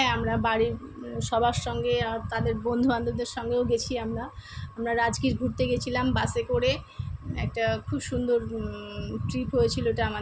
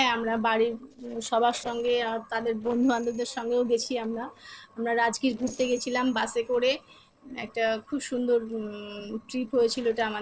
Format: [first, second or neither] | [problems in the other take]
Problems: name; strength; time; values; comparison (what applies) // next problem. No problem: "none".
first | noise reduction (neural separator model SepFormer DNS4)